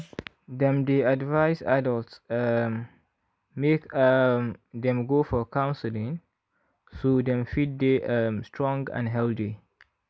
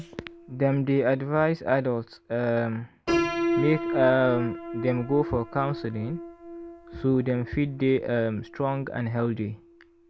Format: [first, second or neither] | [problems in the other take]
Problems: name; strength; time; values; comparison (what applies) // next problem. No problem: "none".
first | background sound (Piano); 7 dB below the speech